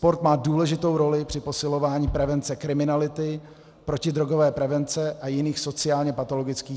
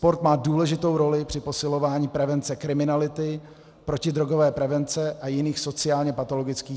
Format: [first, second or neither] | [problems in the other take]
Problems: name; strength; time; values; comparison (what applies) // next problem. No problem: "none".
second | background sound (Bass drum); 14 dB below the speech